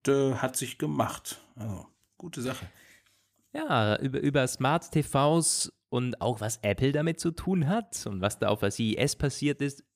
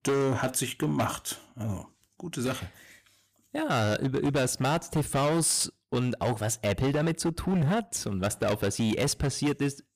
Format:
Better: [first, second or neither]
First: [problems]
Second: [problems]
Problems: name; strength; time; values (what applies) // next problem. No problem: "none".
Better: first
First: none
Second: distortion; heavy; 13% of the sound clipped